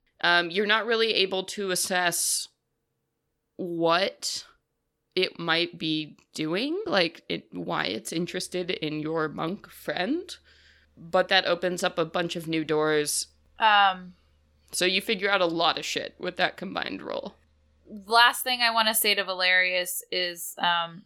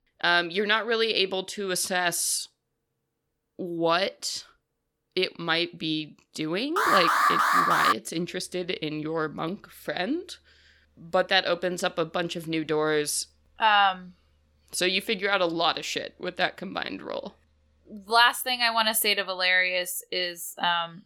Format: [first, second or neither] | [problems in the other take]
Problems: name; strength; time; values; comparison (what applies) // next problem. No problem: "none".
first | alarm; loud; from 7 to 8 s; peak 5 dB above the speech